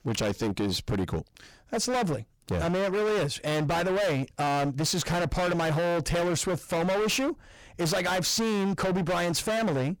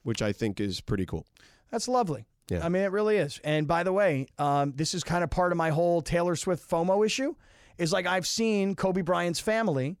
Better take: second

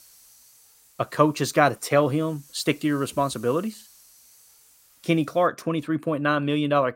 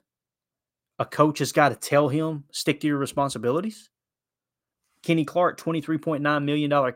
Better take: second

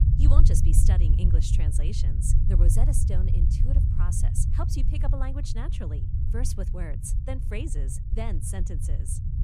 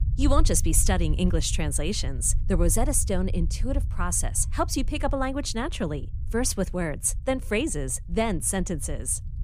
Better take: second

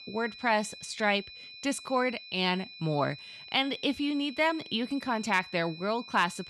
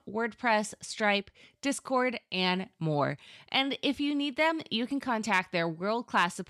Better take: second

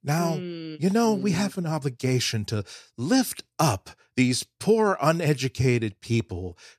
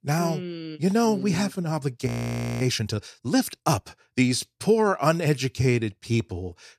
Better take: first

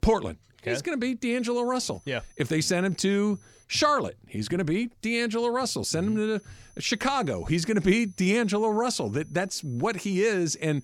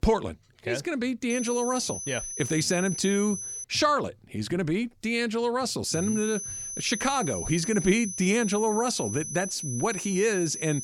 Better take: first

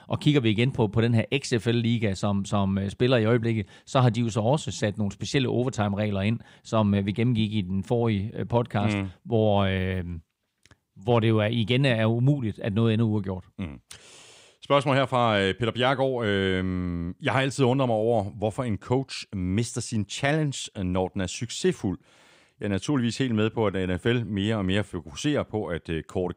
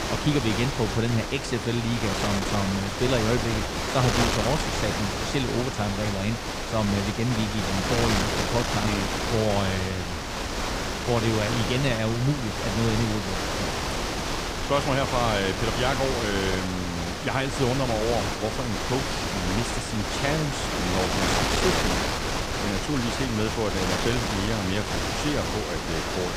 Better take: first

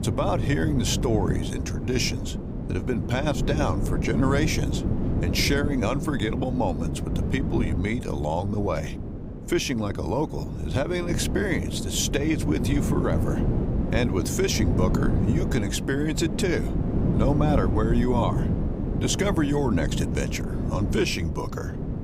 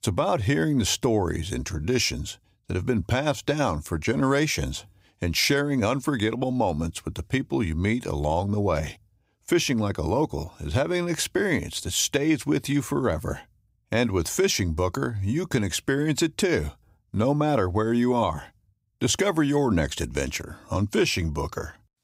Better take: second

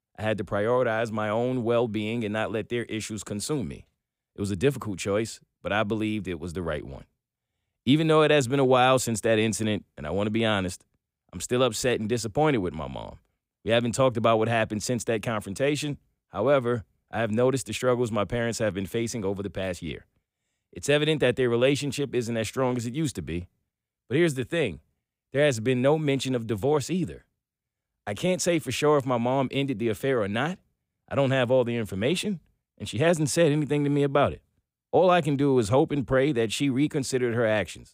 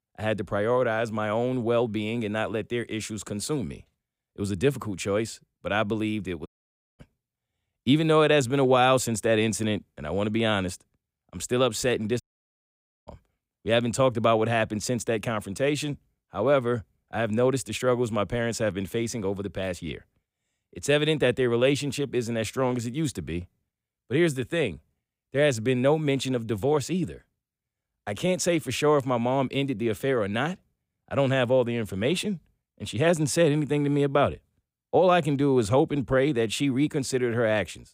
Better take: first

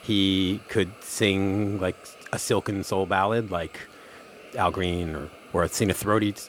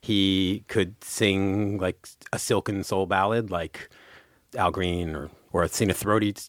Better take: second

